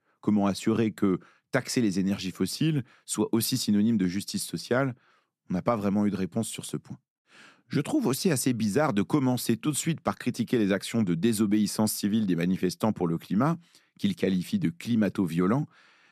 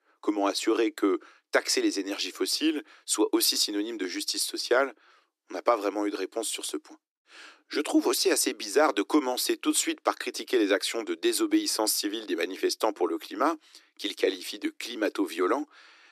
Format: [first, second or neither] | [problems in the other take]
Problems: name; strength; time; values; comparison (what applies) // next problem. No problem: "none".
first | thin; very; fading below 300 Hz